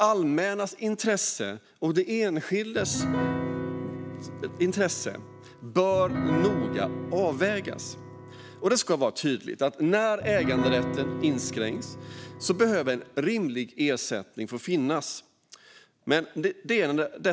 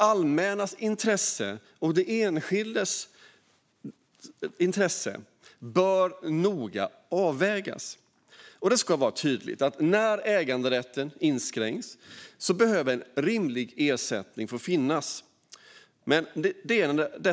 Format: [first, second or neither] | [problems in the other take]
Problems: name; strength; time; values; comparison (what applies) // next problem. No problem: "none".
second | background sound (Piano); 5 dB below the speech